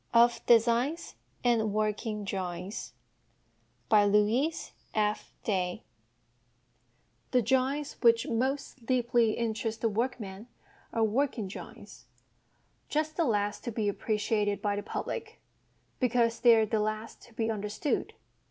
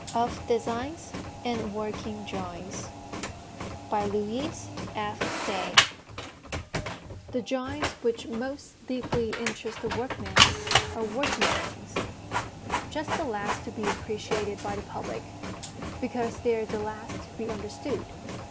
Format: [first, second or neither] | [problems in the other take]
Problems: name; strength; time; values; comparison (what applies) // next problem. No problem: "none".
first | background sound (Printer); 1 dB above the speech